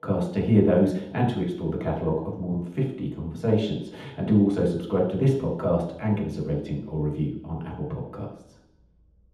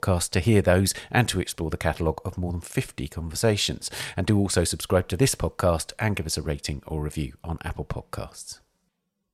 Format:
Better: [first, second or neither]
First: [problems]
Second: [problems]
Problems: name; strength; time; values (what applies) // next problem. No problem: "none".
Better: second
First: room echo; noticeable; dies away in 0.8 s // off-mic speech; far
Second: none